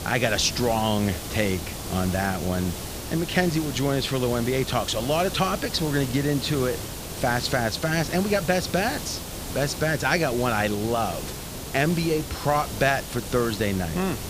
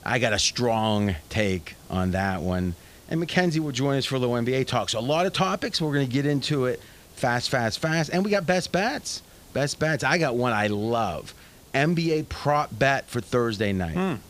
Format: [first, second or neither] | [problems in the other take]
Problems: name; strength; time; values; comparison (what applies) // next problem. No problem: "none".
second | hiss; loud; throughout; 8 dB below the speech; faint in the second